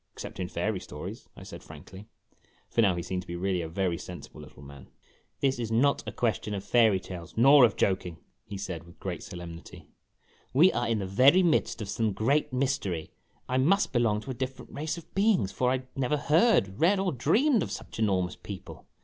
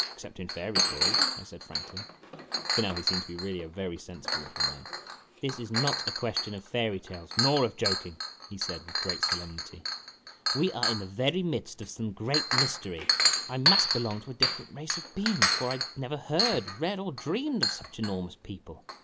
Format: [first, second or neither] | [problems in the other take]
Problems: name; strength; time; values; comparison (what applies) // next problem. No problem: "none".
first | background sound (Chink, clink); 2 dB above the speech